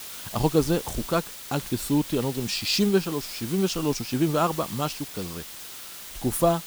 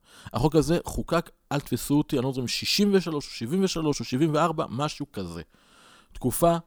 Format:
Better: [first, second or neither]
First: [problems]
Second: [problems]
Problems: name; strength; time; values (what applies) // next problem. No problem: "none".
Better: second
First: hiss; noticeable; throughout; 10 dB below the speech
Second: none